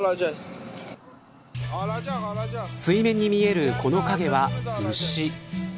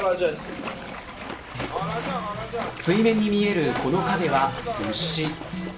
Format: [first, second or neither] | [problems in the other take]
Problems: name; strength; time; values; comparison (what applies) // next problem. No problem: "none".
first | background sound (Splash, splatter); 10 dB below the speech // room echo; dies away in 0.4 s